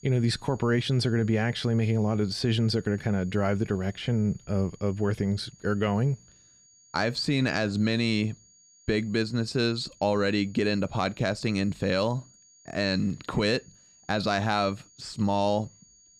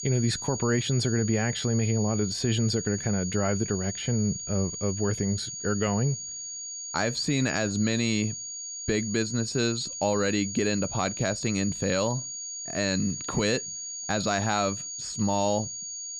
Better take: first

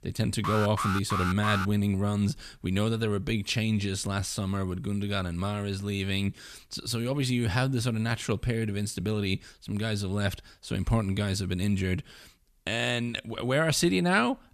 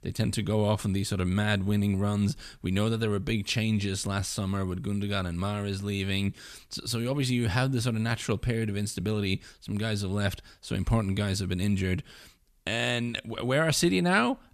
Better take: second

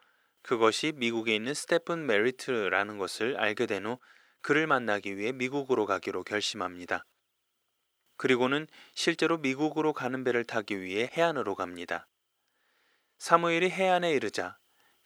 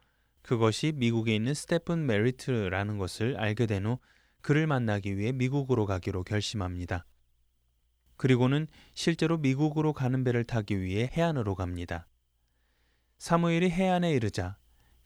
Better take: second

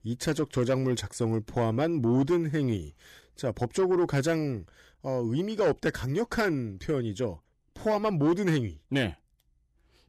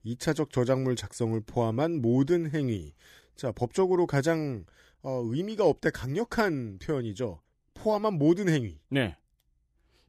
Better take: second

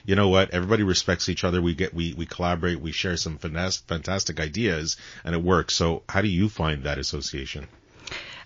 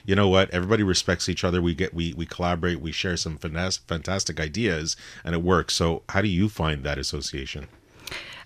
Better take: second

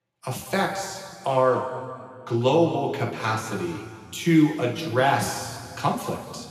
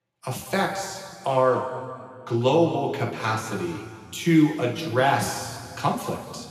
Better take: neither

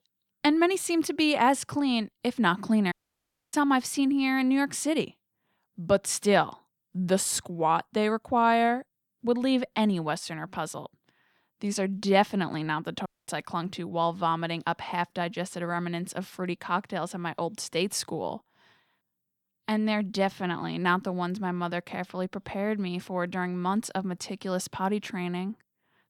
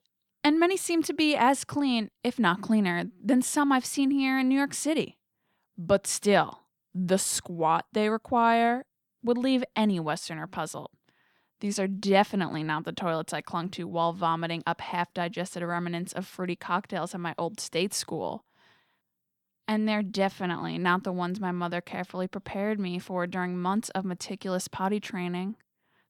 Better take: second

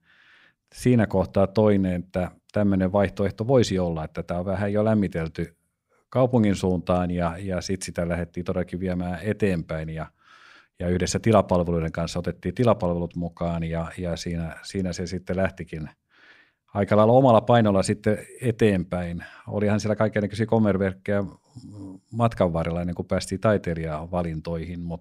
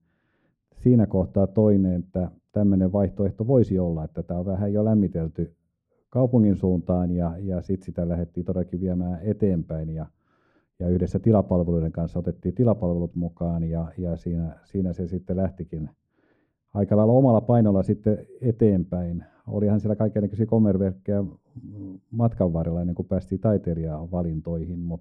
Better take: first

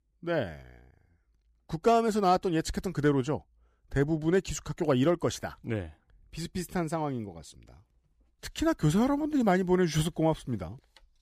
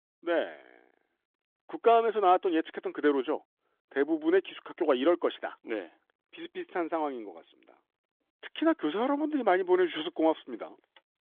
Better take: first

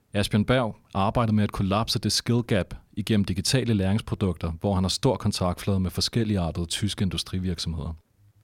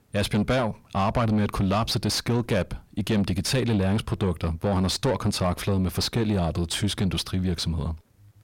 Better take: first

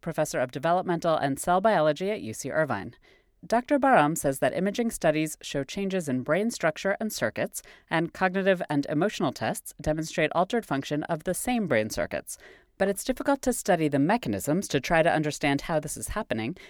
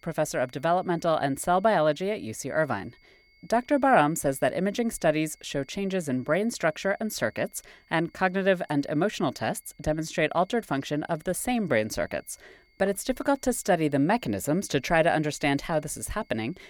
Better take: first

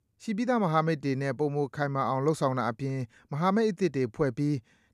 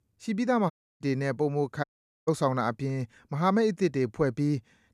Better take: first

